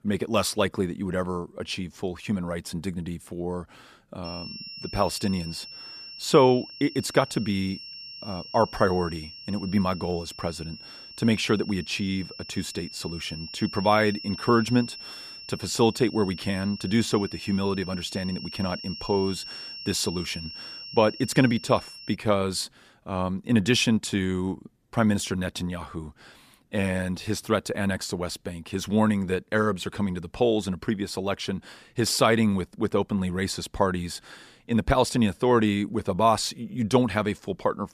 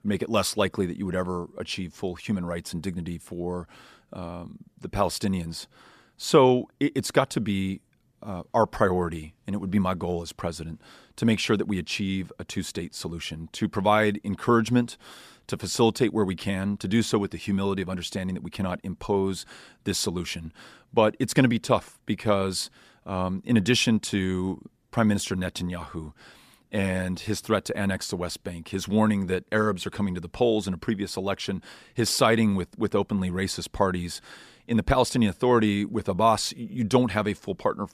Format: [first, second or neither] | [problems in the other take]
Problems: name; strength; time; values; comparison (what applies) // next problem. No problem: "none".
second | high-pitched whine; noticeable; from 4.5 to 22 s; 5.5 kHz, 15 dB below the speech